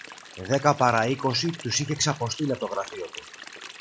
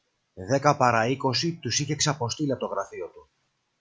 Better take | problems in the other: second | background sound (Stream); 16 dB below the speech

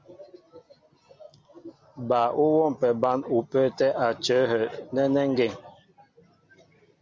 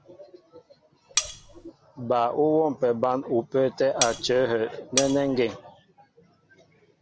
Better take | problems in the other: first | background sound (Cutlery, silverware); 4 dB below the speech

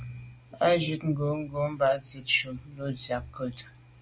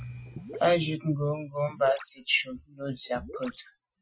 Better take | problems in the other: first | noise reduction (classical method Wiener filter)

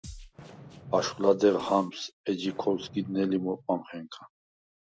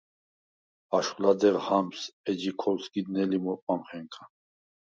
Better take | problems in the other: second | background sound (Drum kit + Fireworks); 18 dB below the speech

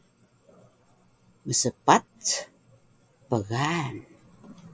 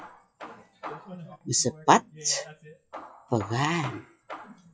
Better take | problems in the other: first | noise reduction (classical method log-MMSE)

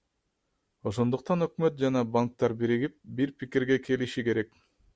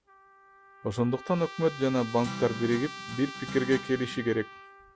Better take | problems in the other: first | background sound (Guitar + Trumpet); 12 dB below the speech

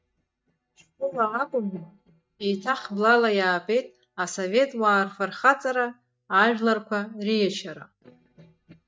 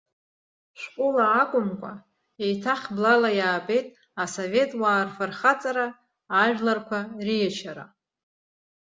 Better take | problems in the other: second | noise reduction (neural mask model DeepFilterNet 3)

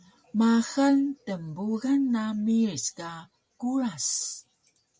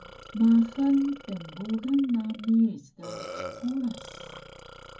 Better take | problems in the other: first | background sound (Burping, eructation); 16 dB below the speech // room echo; dies away in 0.4 s

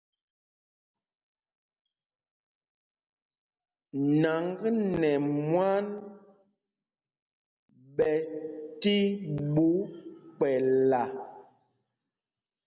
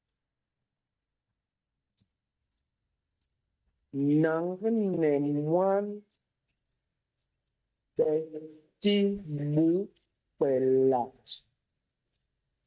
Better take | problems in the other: first | noise reduction (neural mask model DeepFilterNet 3)

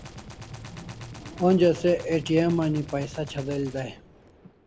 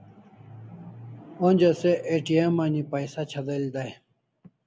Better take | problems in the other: second | background sound (Gunshot, gunfire); 17 dB below the speech

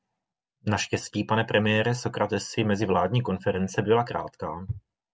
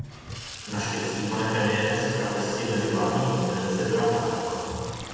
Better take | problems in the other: first | background sound (Sink (filling or washing) / Water tap, faucet); 13 dB below the speech // room echo; dies away in 2.1 s

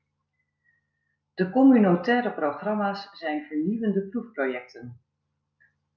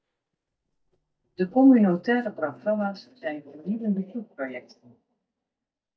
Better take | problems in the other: first | noise reduction (neural mask model DeepFilterNet 3)

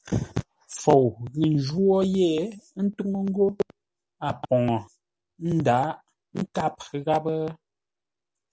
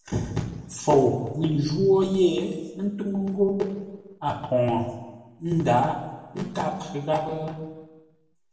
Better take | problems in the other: first | room echo; dies away in 1.1 s

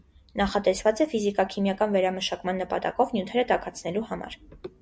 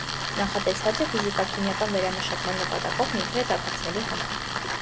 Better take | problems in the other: first | background sound (Tools); 1 dB below the speech

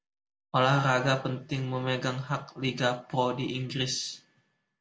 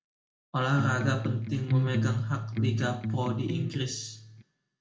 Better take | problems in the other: first | background sound (Electric guitar); 1 dB above the speech // room echo; dies away in 0.3 s

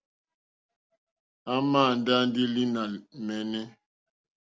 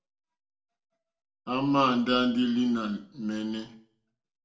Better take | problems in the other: first | room echo; dies away in 0.4 s

